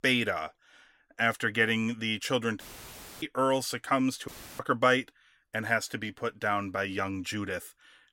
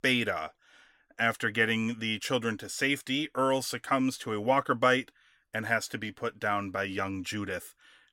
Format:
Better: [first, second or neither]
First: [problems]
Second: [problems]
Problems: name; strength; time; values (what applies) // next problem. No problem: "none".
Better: second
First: audio cutting out; filled with static; at 2.5 s for 0.5 s and at 4.5 s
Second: none